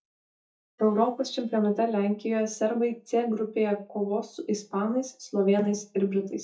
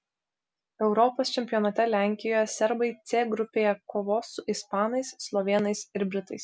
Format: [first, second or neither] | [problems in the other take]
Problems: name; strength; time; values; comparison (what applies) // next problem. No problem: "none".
second | noise reduction (neural mask model DeepFilterNet 3)